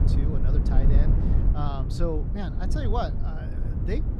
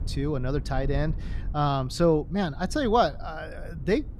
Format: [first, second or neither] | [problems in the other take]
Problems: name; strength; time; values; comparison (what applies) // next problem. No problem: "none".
second | low rumble; loud; throughout; 4 dB below the speech; faint in the second